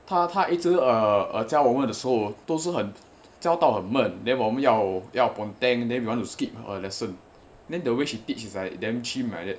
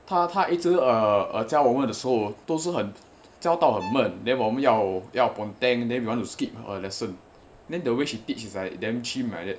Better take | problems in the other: first | background sound (Bowed string instrument); 17 dB below the speech

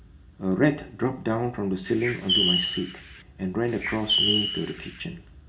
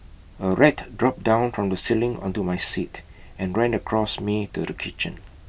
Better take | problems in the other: second | background sound (Bird); 1 dB above the speech // room echo; dies away in 0.4 s

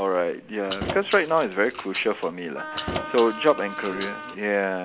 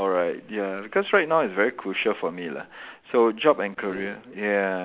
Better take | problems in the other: second | background sound (Wind instrument, woodwind instrument + Keys jangling); 10 dB below the speech

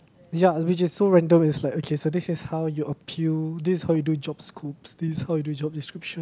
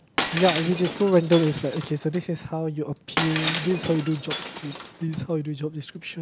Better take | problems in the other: first | background sound (Shatter); 7 dB below the speech

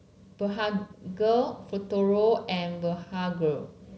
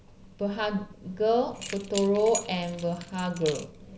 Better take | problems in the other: first | background sound (Keys jangling); 14 dB below the speech

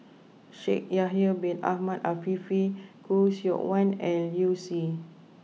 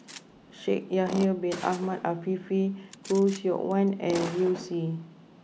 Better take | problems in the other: first | background sound (Tools + Gunshot, gunfire); 14 dB below the speech

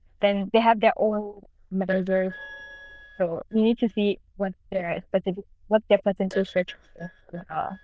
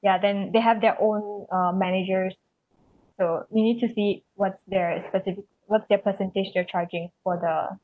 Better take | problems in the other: second | noise reduction (neural diffusion model UNIVERSE++)

